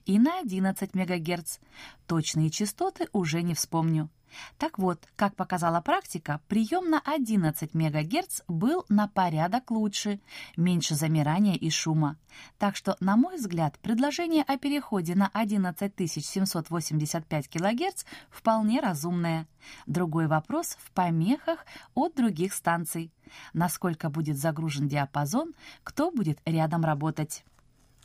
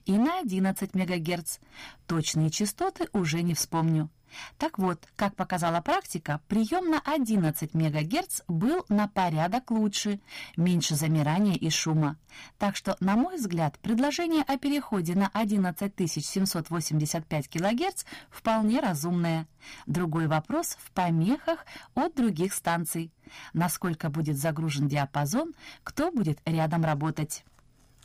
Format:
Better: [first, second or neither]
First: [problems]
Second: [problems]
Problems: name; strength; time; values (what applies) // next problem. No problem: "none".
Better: first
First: none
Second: distortion; slight; 9% of the sound clipped